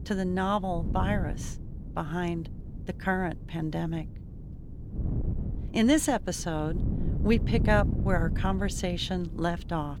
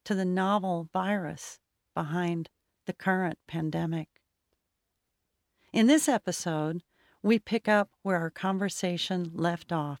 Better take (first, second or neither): second